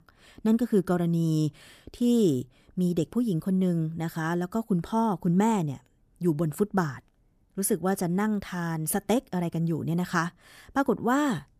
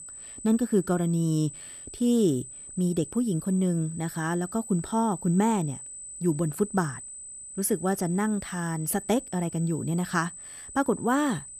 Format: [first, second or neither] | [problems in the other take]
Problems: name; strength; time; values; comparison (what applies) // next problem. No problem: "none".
first | high-pitched whine; noticeable; throughout; 8 kHz, 10 dB below the speech